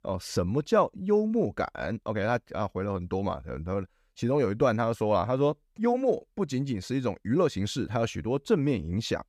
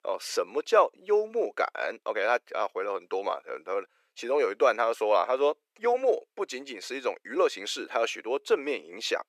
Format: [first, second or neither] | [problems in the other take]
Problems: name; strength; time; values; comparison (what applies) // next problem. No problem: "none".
first | thin; very; fading below 400 Hz